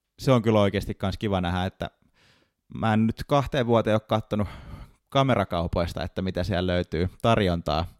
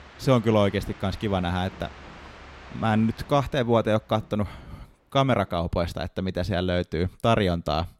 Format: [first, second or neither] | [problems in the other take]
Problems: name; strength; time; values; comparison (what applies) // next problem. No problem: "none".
first | train or aircraft noise; faint; throughout; 20 dB below the speech